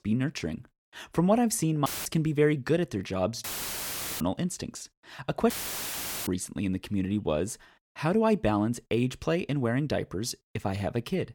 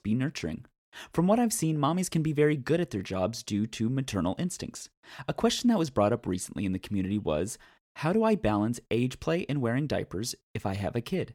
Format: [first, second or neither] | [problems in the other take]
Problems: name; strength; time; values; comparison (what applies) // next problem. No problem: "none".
second | audio cutting out; filled with static; at 2 s, at 3.5 s for 1 s and at 5.5 s for 1 s